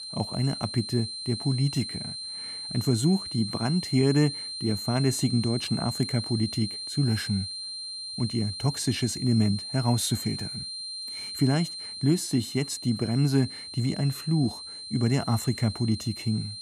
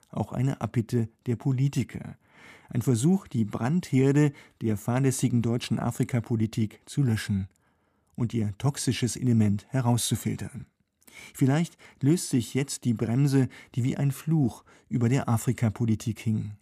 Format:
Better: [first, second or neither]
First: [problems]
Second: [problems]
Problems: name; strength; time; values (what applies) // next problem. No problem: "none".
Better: second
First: high-pitched whine; loud; throughout; 4 kHz, 7 dB below the speech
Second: none